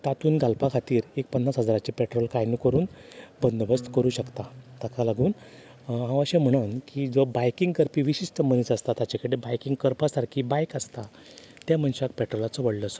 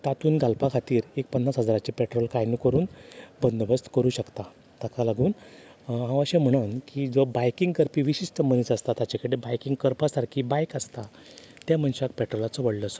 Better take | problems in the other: second | background sound (Acoustic guitar); 19 dB below the speech

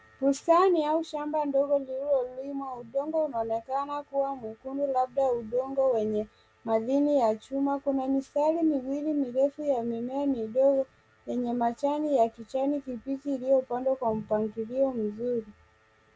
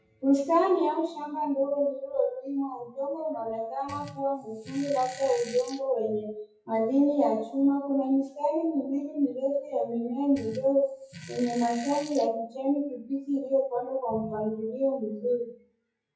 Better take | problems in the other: first | noise reduction (classical method WPE with log-MMSE)

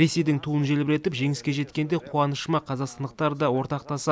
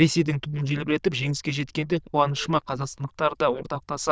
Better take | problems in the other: first | noise reduction (neural diffusion model UNIVERSE++)

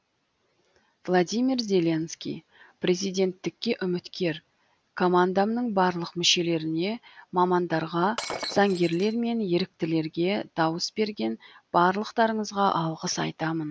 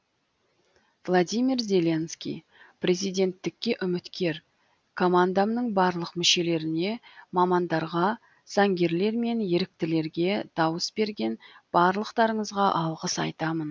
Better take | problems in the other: second | background sound (Shatter); 10 dB below the speech

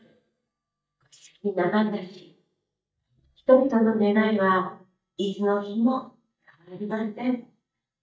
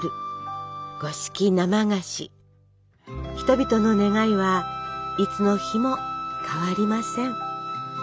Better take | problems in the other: second | noise reduction (neural mask model DeepFilterNet 3)

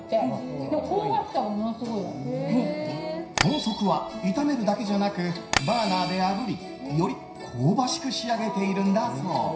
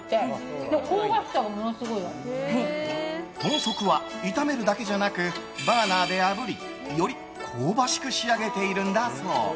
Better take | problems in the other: second | background sound (Tap); 6 dB below the speech // room echo; dies away in 0.5 s

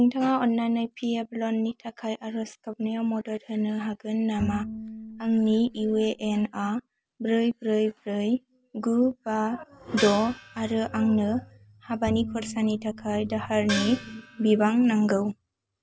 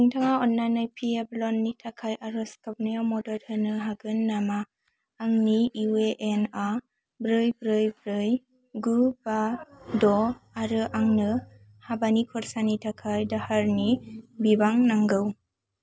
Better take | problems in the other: second | background sound (Bowed string instrument + Gong); 11 dB below the speech

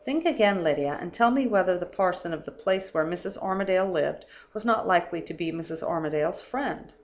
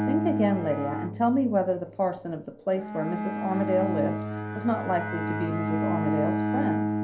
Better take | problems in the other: first | background sound (Bowed string instrument); 2 dB below the speech // room echo; dies away in 0.3 s

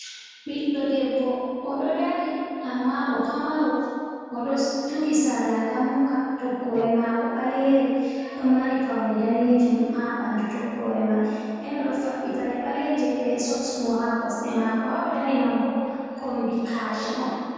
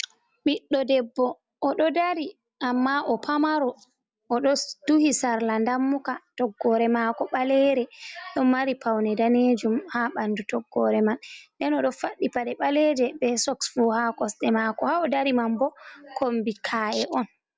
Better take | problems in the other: second | background sound (Wind instrument, woodwind instrument); 14 dB below the speech // room echo; dies away in 2.1 s

